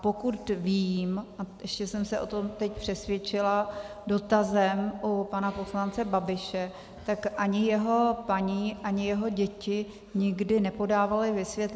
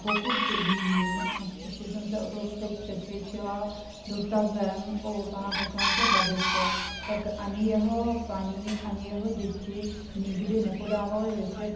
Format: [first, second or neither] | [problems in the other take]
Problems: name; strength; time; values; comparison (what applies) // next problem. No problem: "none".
first | background sound (Chicken, rooster); 3 dB below the speech // room echo; dies away in 0.8 s